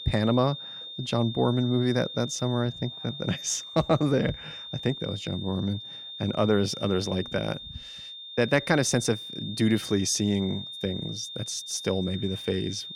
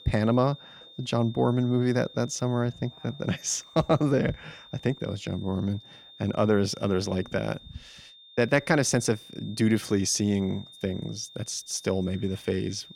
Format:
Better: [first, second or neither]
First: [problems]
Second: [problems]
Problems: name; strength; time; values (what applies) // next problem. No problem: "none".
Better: second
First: high-pitched whine; loud; throughout; 3.5 kHz, 10 dB below the speech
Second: high-pitched whine; faint; throughout; 3.5 kHz, 20 dB below the speech